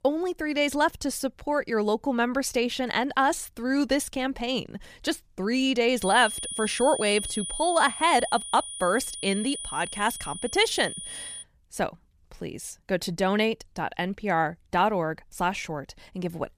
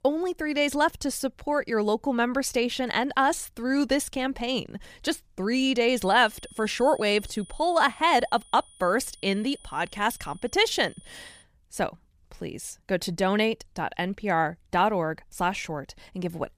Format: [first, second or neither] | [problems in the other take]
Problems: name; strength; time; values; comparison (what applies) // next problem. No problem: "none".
second | high-pitched whine; loud; from 6 to 11 s; 9.5 kHz, 7 dB below the speech; faint in the second